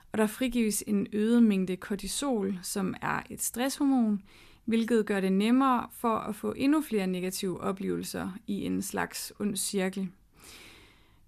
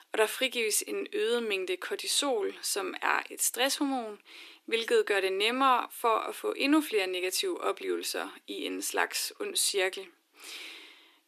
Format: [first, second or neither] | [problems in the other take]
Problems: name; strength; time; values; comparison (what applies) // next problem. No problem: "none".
first | thin; somewhat; fading below 300 Hz